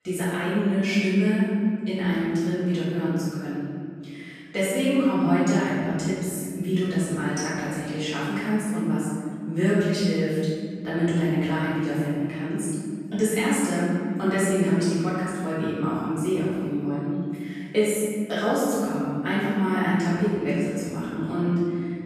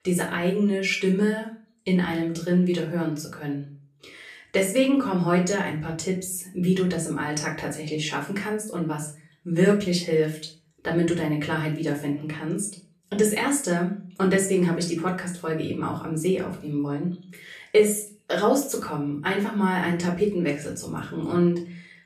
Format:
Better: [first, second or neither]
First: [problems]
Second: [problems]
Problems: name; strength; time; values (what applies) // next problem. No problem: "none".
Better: second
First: room echo; strong; dies away in 2.4 s // off-mic speech; far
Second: room echo; slight; dies away in 0.4 s // off-mic speech; far